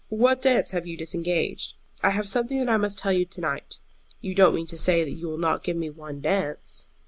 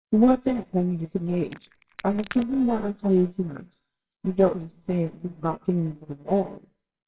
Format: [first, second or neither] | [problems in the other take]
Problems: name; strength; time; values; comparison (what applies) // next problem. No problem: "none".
first | noise reduction (neural separator model SepFormer WHAMR!)